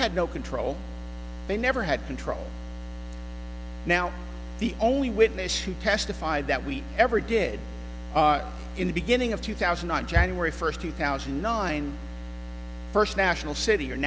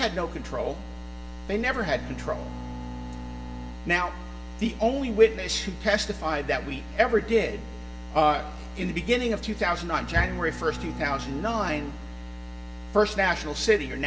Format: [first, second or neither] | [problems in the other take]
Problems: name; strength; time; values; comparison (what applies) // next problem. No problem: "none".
first | background sound (Bowed string instrument); 13 dB below the speech // room echo; dies away in 0.5 s